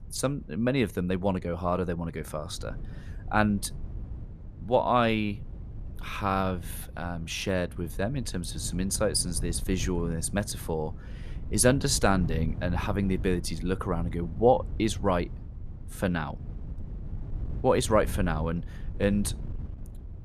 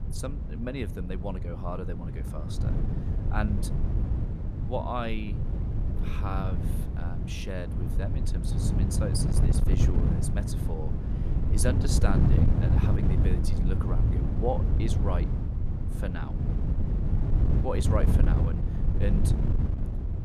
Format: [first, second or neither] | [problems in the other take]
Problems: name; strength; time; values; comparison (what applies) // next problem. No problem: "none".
first | wind noise on the microphone; heavy; 3 dB below the speech; occasional gusts in the first